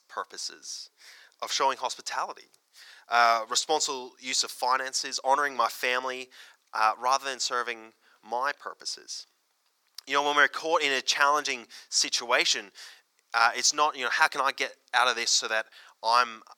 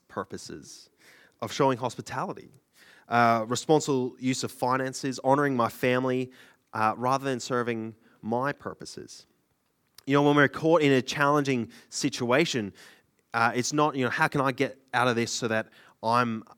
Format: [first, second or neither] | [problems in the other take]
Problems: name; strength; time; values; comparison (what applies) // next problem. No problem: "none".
second | thin; very; fading below 850 Hz